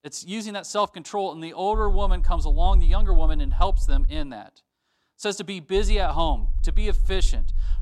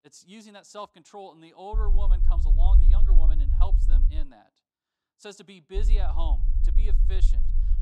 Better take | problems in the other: first | low rumble; loud; from 2 to 4 s and from 6 s on; 7 dB below the speech; faint in the first

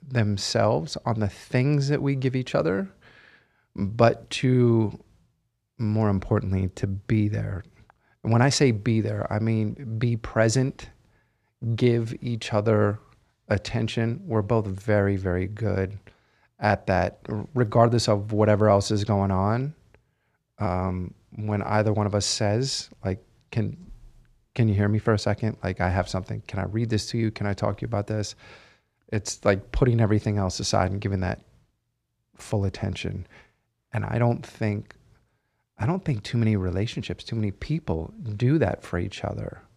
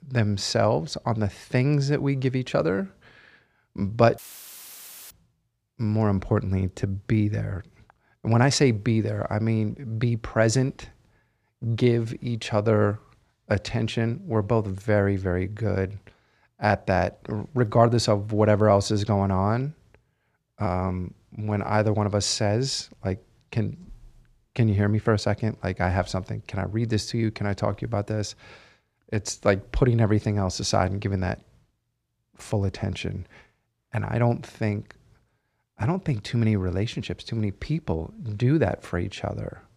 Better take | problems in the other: first | audio cutting out; filled with static; at 4 s for 1 s

